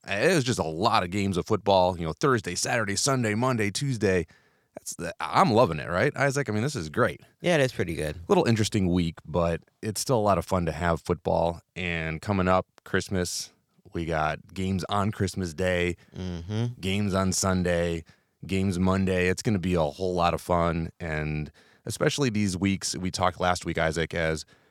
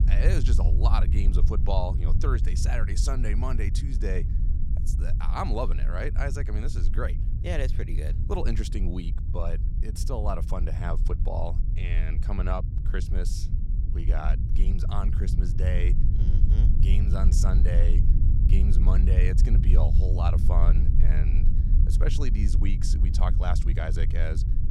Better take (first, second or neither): first